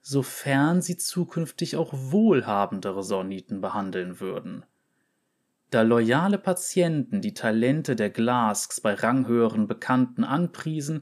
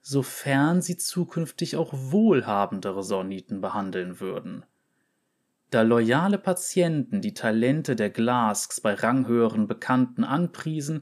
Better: neither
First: none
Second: none

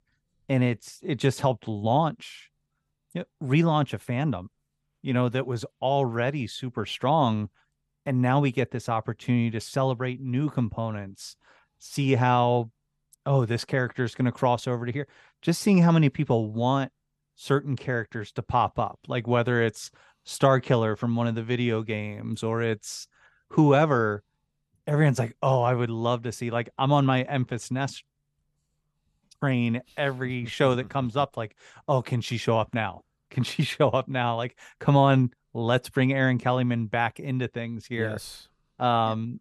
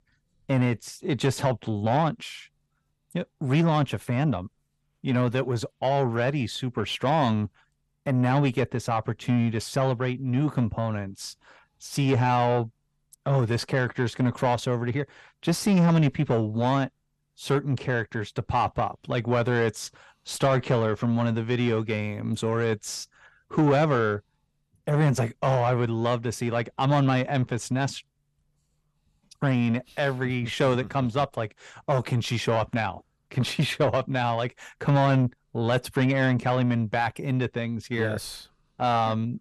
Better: first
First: none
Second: distortion; slight; 10 dB below the speech

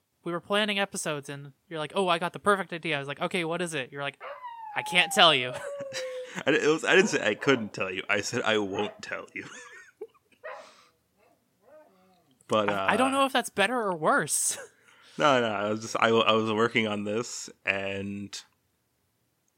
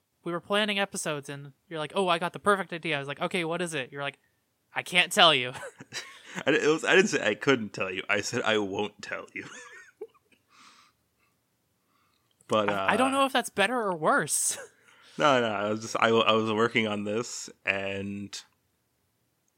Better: second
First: dog barking; faint; from 4 to 12 s; peak 10 dB below the speech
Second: none

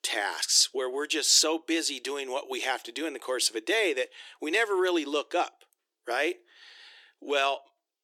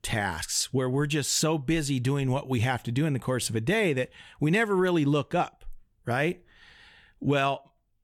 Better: second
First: thin; very; fading below 350 Hz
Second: none

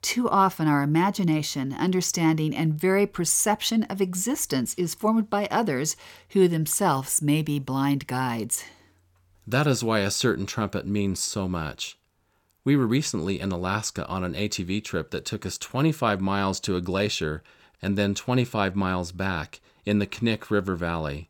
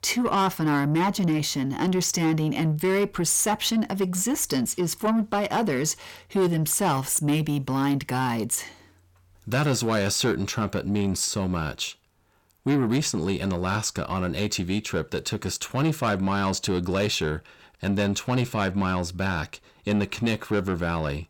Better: first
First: none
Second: distortion; slight; 10 dB below the speech

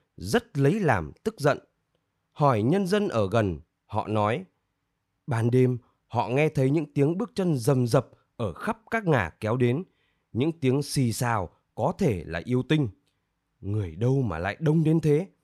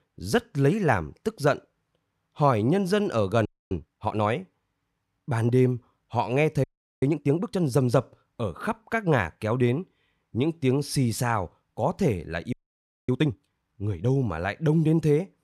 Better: first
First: none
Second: audio freezing; at 3.5 s, at 6.5 s and at 13 s for 0.5 s

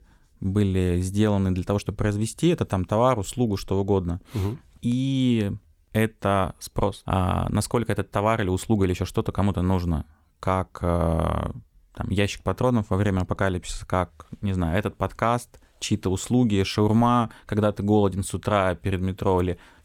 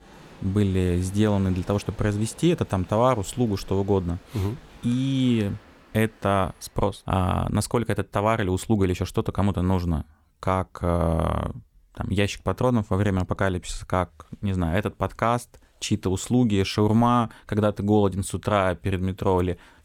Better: first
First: none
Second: crowd noise; faint; until 6.5 s; 25 dB below the speech

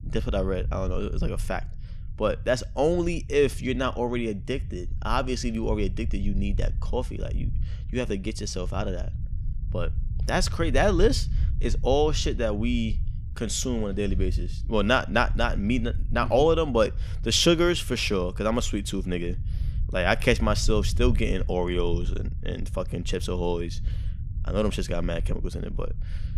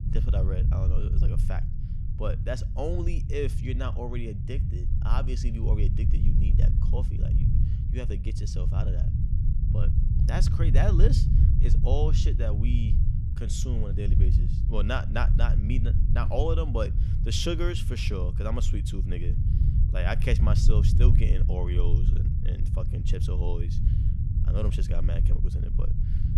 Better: first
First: low rumble; faint; throughout; 20 dB below the speech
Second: low rumble; loud; throughout; 6 dB below the speech

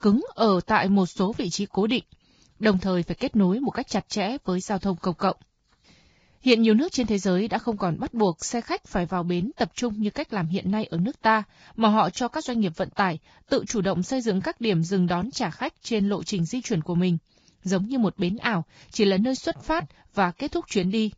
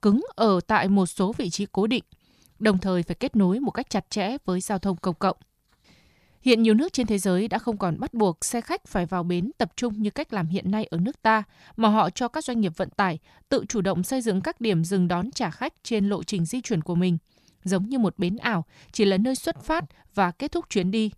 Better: second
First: garbled, watery; badly; nothing above 7.5 kHz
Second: none

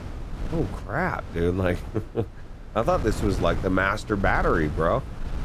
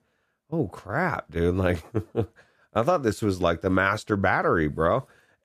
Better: second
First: wind noise on the microphone; occasional gusts; 15 dB below the speech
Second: none

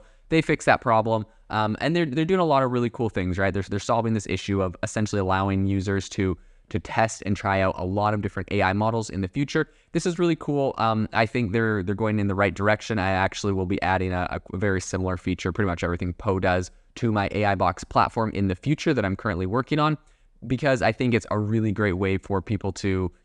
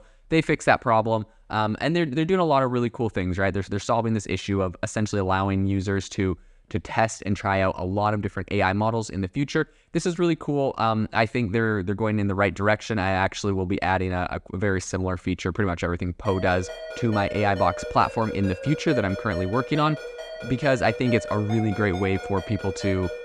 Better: first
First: none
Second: phone ringing; noticeable; from 16 s on; peak 7 dB below the speech

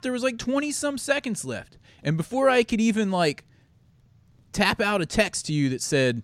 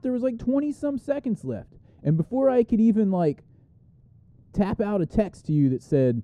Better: first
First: none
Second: muffled; very; fading above 1 kHz

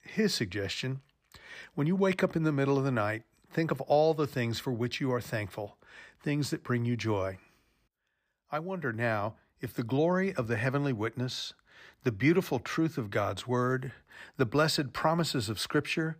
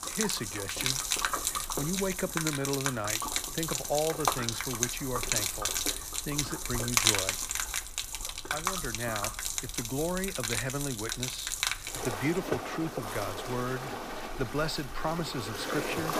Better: first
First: none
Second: rain or running water; very loud; throughout; 3 dB above the speech

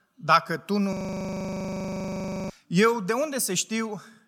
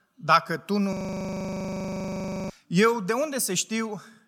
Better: neither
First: audio freezing; at 1 s for 1.5 s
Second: audio freezing; at 1 s for 1.5 s

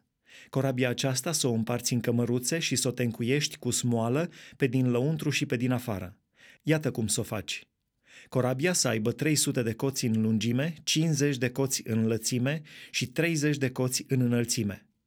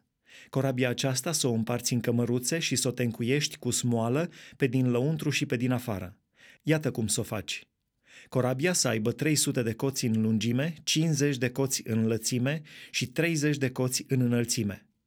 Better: neither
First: none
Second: none

